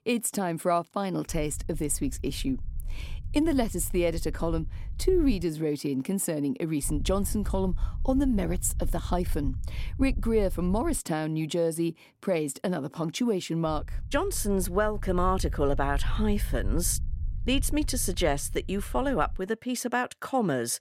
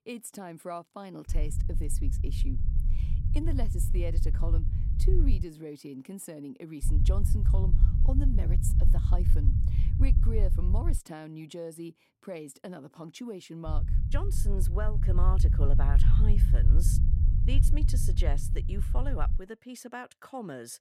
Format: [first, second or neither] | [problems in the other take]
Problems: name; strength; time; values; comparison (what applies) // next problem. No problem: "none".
first | low rumble; loud; from 1.5 to 5.5 s, from 7 to 11 s and from 14 to 19 s; 4 dB below the speech; faint in the first